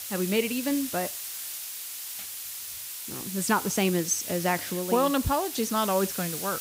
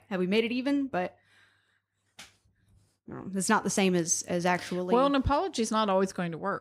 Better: second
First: hiss; loud; throughout; 6 dB below the speech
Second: none

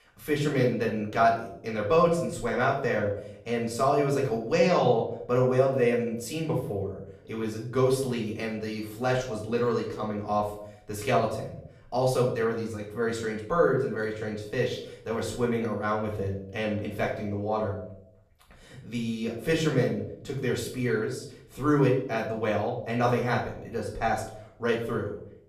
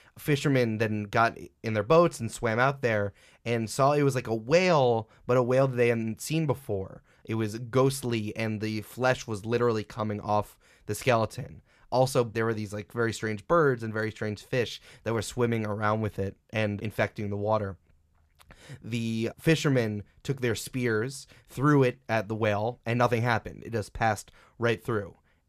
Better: second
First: room echo; slight; dies away in 0.5 s // off-mic speech; far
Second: none

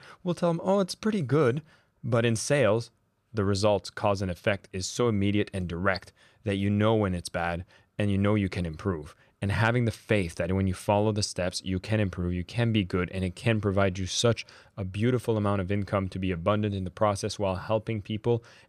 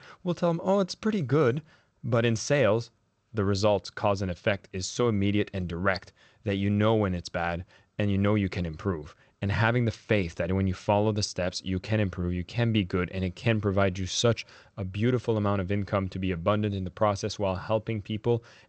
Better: first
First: none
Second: garbled, watery; slightly; nothing above 7.5 kHz

